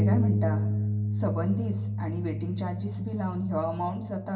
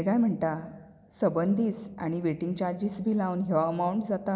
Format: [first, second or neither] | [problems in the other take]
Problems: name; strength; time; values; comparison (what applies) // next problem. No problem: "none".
second | background sound (Bass guitar); 3 dB above the speech // room echo; dies away in 0.3 s